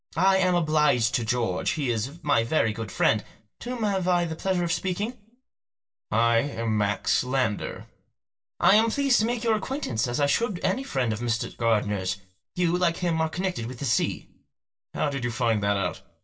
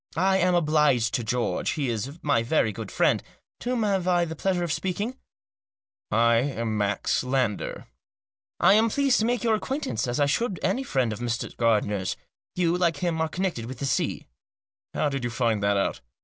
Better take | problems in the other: second | room echo; dies away in 0.2 s

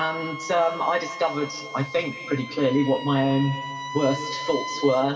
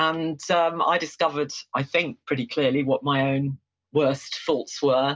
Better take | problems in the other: second | background sound (Wind instrument, woodwind instrument); 10 dB below the speech // room echo; dies away in 2.2 s

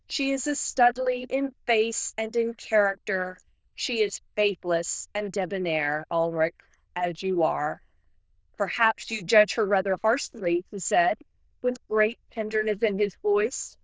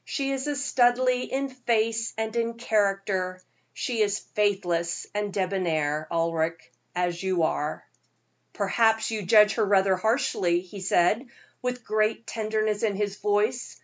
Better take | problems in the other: second | noise reduction (neural diffusion model UNIVERSE++)

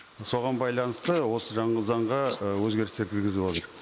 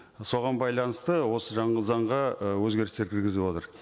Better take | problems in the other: second | noise reduction (neural mask model Resemble Enhance denoiser)

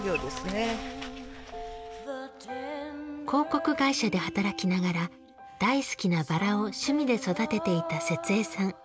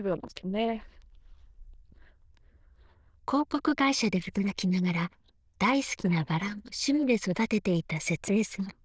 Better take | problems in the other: first | noise reduction (neural diffusion model UNIVERSE++)

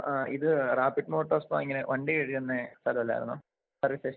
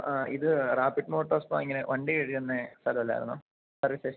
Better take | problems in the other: second | noise reduction (neural mask model Resemble Enhance denoiser)

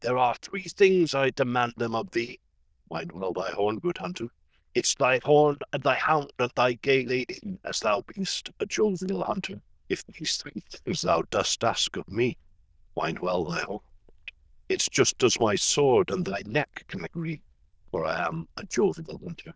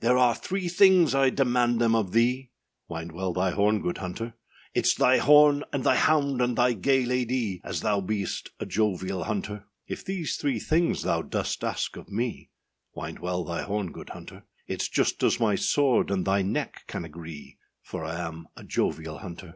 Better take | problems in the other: second | noise reduction (neural diffusion model UNIVERSE++)

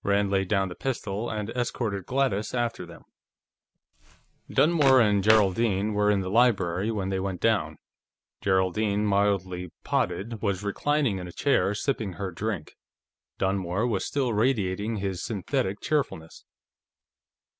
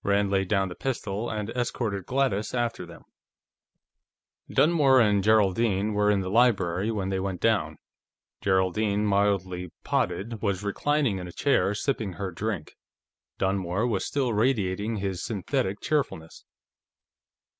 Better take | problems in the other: second | background sound (Walk, footsteps); 9 dB below the speech

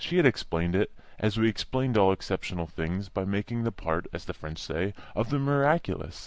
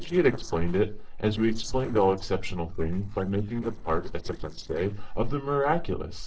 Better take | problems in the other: first | noise reduction (neural separator model SepFormer DNS4)

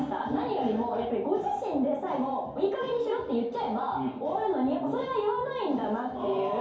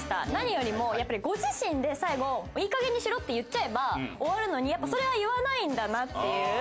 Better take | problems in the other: second | room echo; dies away in 2.4 s

